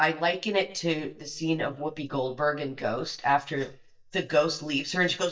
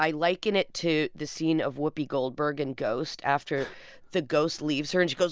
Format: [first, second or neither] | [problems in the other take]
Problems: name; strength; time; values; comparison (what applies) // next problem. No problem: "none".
second | noise reduction (neural mask model DeepFilterNet 3)